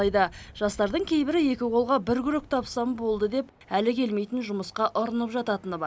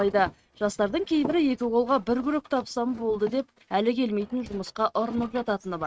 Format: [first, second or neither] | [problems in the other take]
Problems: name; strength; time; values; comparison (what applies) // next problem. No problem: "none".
first | noise reduction (neural mask model RNNoise)